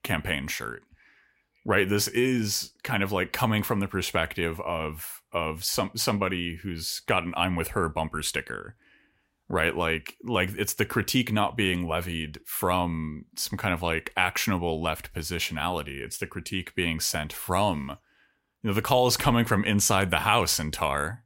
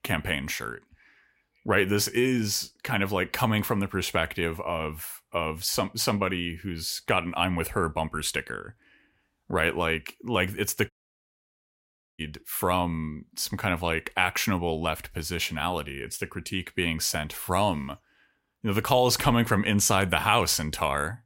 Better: first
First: none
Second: audio cutting out; at 11 s for 1.5 s

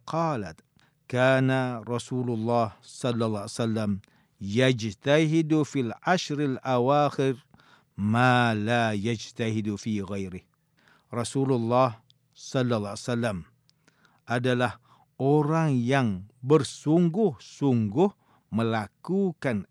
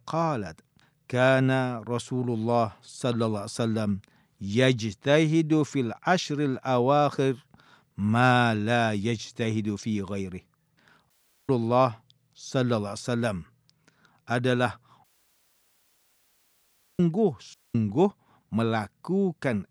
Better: first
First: none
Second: audio cutting out; at 11 s, at 15 s for 2 s and at 18 s

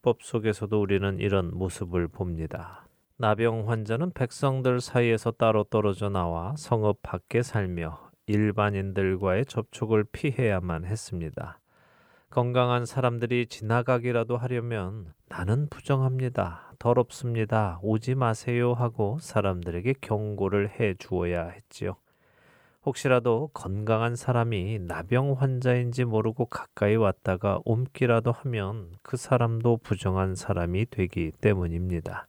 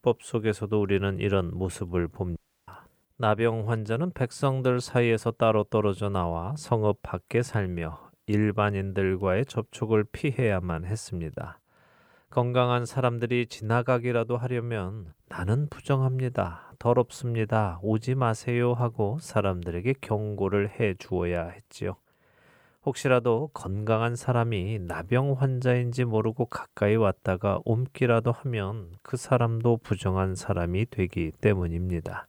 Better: first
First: none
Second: audio cutting out; at 2.5 s

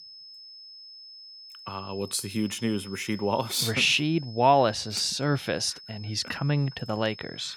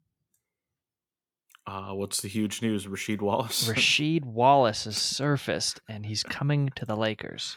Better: second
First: high-pitched whine; noticeable; throughout; 5 kHz, 15 dB below the speech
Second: none

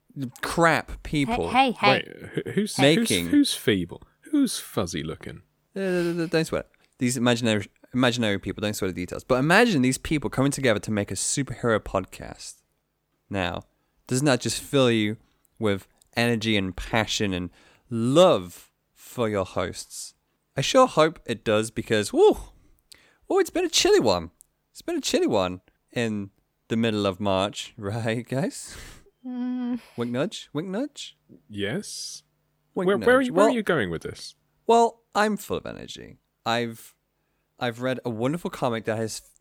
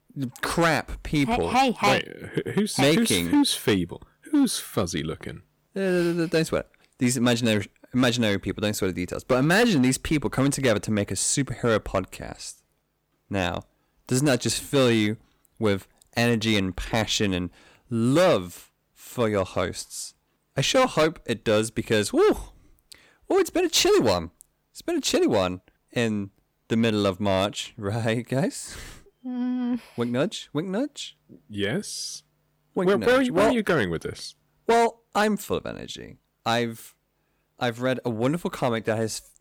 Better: first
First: none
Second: distortion; slight; 4% of the sound clipped

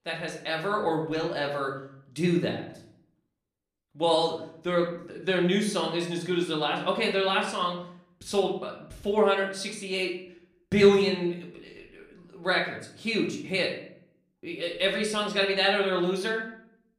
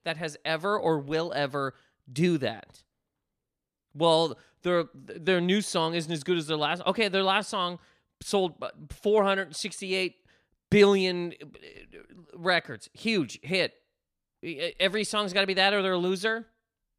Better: second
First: room echo; slight; dies away in 0.5 s // off-mic speech; somewhat distant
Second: none

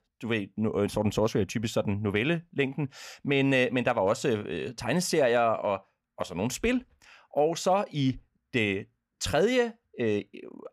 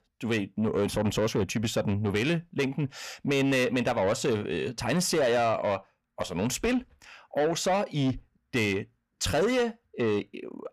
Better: first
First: none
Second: distortion; slight; 10 dB below the speech

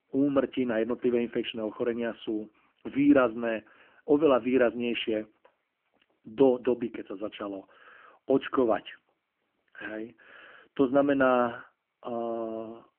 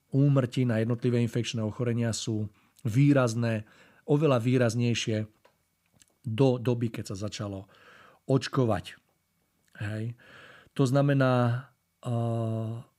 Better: second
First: phone-call audio; poor line; nothing above 3 kHz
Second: none

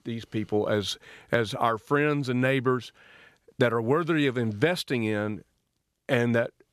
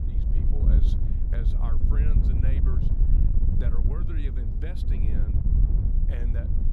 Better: first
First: none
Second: wind noise on the microphone; heavy; 3 dB above the speech

